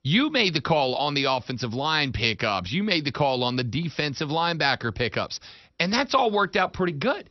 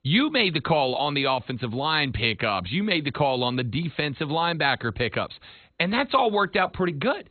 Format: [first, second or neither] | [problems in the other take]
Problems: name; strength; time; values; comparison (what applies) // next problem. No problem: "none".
first | garbled, watery; badly; nothing above 4 kHz; slightly in the first